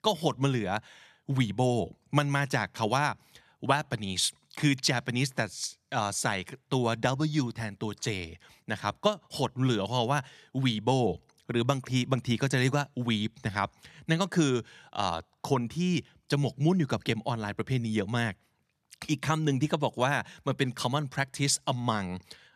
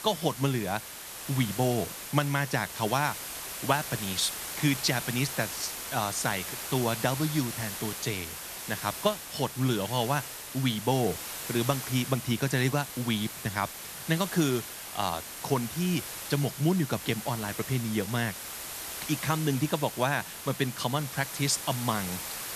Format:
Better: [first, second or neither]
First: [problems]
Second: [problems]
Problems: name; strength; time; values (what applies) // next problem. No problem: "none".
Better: first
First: none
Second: hiss; loud; throughout; 7 dB below the speech